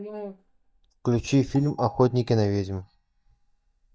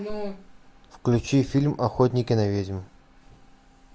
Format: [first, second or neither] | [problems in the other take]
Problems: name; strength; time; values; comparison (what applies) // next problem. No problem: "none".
second | noise reduction (neural mask model DeepFilterNet 3)